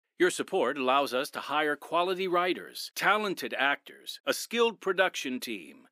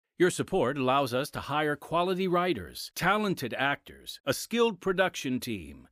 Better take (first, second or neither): second